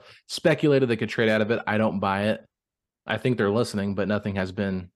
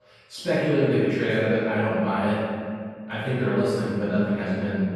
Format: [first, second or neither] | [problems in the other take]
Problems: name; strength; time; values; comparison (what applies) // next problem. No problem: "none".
first | off-mic speech; far // room echo; strong; dies away in 2 s